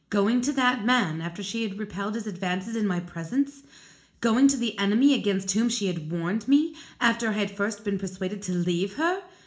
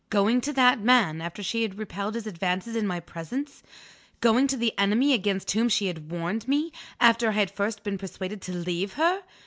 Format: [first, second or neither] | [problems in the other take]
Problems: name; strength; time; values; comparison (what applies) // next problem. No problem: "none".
second | room echo; dies away in 0.4 s